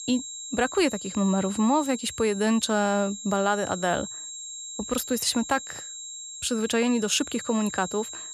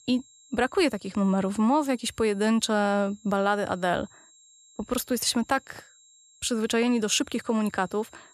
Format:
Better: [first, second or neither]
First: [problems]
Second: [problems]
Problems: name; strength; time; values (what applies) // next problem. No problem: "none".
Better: second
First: high-pitched whine; loud; throughout; 7.5 kHz, 10 dB below the speech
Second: high-pitched whine; faint; throughout; 7.5 kHz, 30 dB below the speech